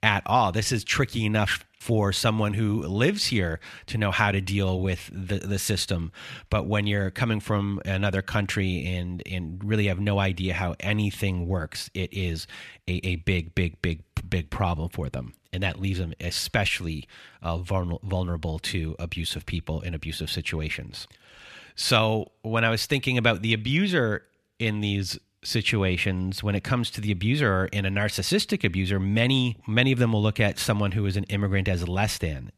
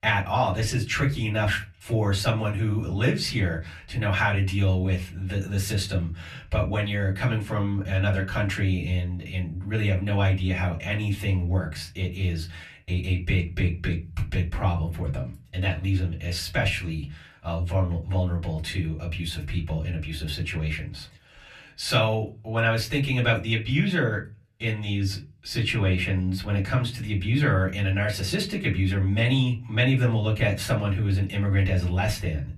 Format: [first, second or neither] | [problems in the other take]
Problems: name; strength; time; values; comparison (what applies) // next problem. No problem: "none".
first | off-mic speech; far // room echo; very slight; dies away in 0.3 s